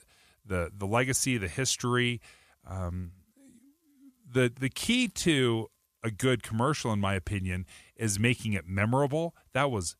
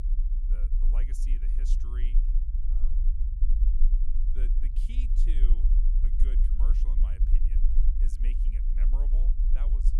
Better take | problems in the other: first | low rumble; loud; throughout; 1 dB below the speech

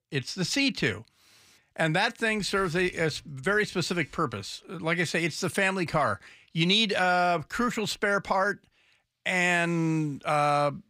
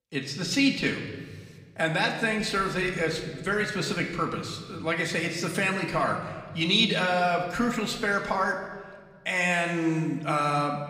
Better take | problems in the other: first | room echo; slight; dies away in 1.3 s // off-mic speech; somewhat distant

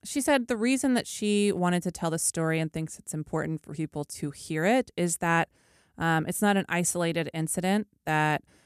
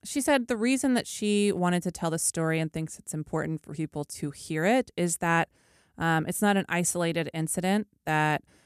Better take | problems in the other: neither | none

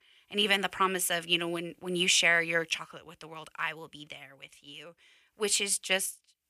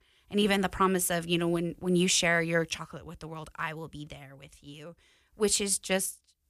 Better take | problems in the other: second | thin; somewhat; fading below 450 Hz

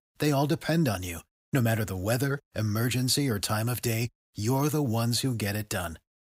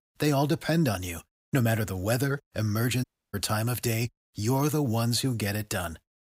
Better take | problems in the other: first | audio cutting out; at 3 s

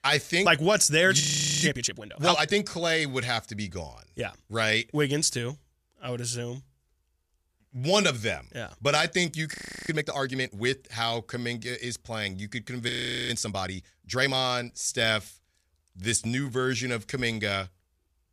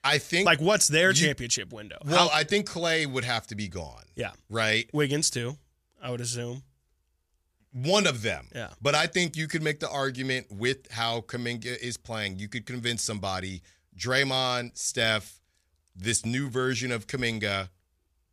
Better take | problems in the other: second | audio freezing; at 1 s, at 9.5 s and at 13 s

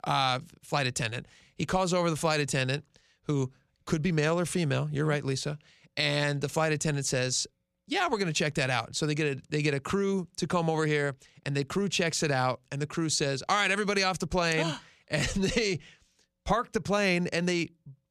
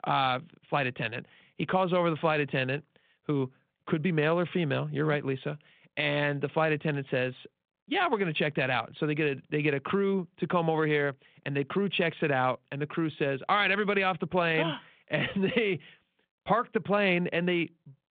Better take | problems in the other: first | phone-call audio; nothing above 3.5 kHz

